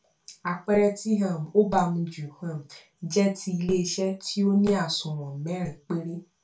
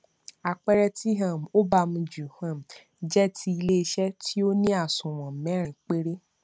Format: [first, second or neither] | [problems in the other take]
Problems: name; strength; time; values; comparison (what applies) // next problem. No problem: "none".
second | room echo; dies away in 0.3 s